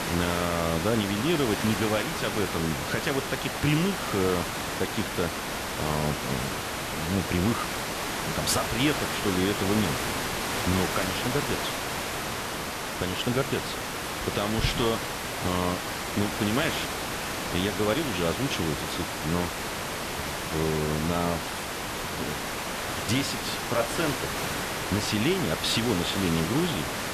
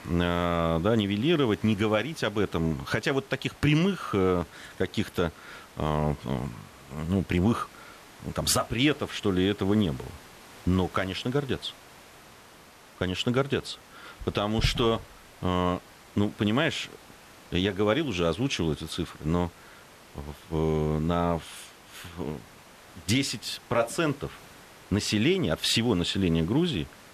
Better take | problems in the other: second | hiss; loud; throughout; 1 dB below the speech; faint in the second

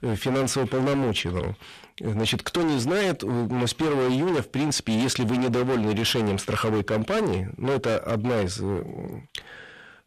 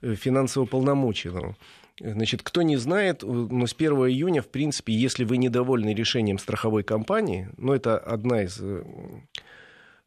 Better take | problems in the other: second | distortion; heavy; 27% of the sound clipped

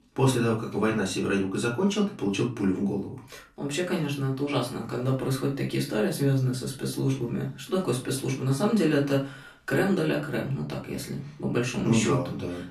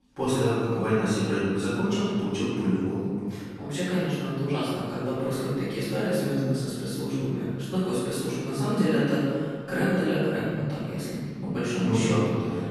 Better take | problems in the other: first | room echo; strong; dies away in 2 s; slight in the first // off-mic speech; far; far in the first

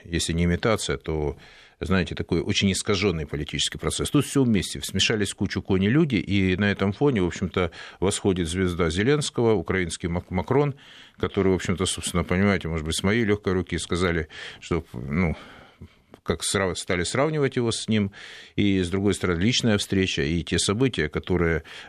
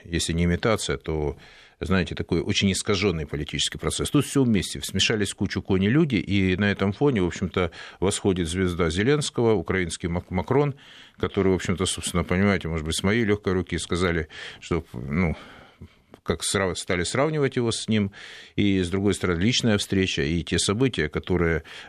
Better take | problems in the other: neither | none

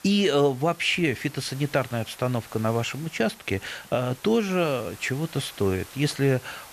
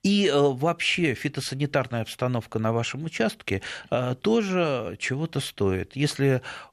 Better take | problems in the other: second | hiss; noticeable; throughout; 20 dB below the speech

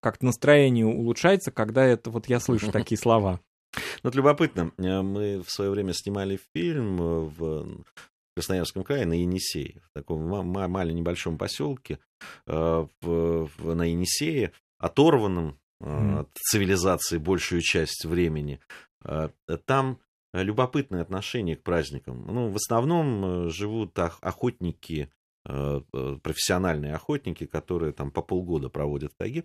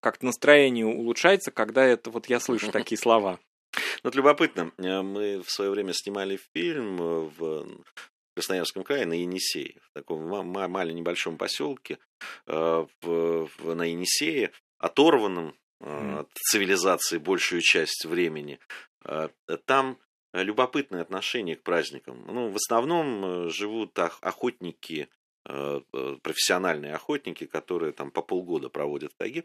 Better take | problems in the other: first | thin; somewhat; fading below 250 Hz

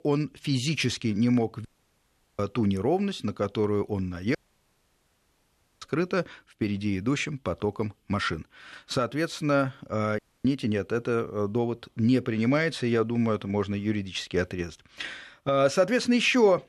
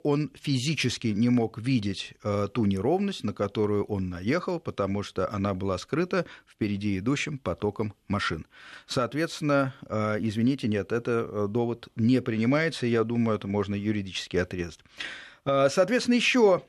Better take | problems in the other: second | audio cutting out; at 1.5 s for 0.5 s, at 4.5 s for 1.5 s and at 10 s

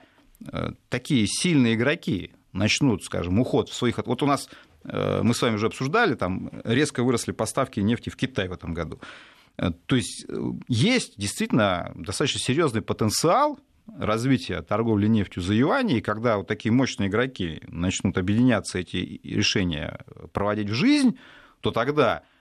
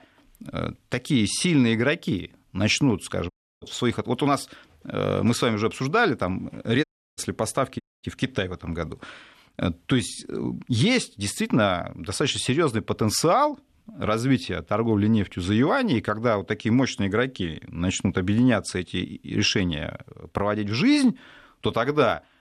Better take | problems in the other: first | audio cutting out; at 3.5 s, at 7 s and at 8 s

